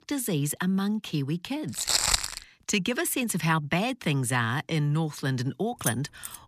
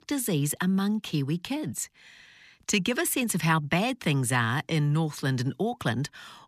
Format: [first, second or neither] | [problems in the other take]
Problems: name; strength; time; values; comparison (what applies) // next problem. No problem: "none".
second | footsteps; loud; at 2 s; peak 6 dB above the speech // jangling keys; noticeable; at 6 s; peak 5 dB below the speech